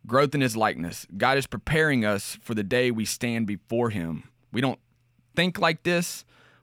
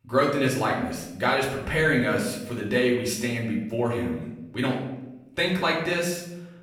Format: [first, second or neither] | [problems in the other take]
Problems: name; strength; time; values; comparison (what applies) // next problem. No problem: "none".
first | room echo; noticeable; dies away in 0.7 s // off-mic speech; far